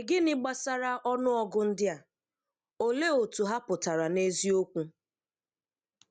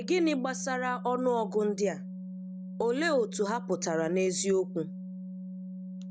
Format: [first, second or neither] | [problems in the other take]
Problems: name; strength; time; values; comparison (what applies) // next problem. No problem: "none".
first | background sound (Organ); 9 dB below the speech